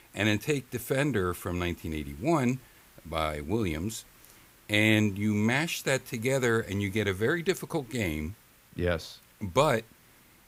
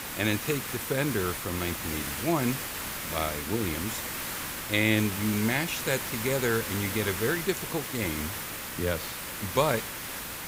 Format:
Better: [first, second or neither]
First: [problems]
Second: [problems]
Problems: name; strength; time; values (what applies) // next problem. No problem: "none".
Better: first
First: hiss; faint; throughout; 25 dB below the speech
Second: hiss; loud; throughout; 3 dB below the speech